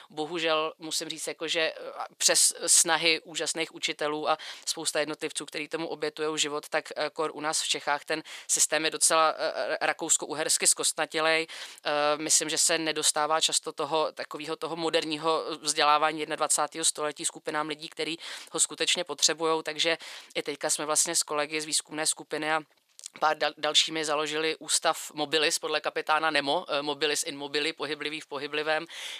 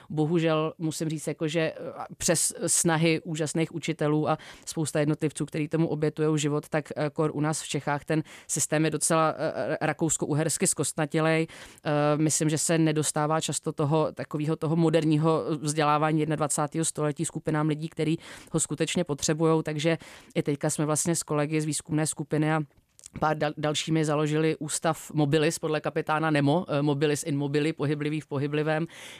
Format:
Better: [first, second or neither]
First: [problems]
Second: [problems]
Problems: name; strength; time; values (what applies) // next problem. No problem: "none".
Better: second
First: thin; very; fading below 600 Hz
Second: none